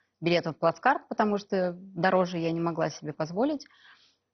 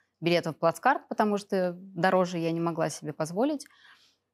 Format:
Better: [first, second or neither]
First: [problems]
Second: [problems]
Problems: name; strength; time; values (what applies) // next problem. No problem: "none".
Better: second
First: garbled, watery; badly; nothing above 6 kHz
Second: none